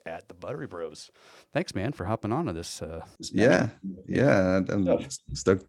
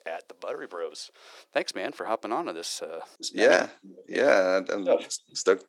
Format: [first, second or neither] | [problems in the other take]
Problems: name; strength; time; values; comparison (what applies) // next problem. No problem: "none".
first | thin; somewhat; fading below 400 Hz